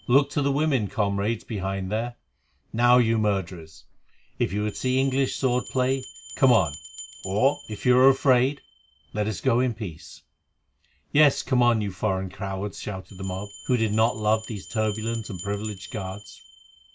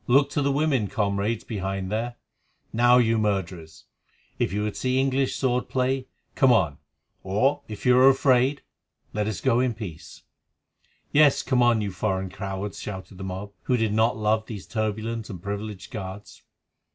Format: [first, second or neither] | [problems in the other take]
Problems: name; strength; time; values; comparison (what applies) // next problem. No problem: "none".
second | background sound (Bell); 20 dB below the speech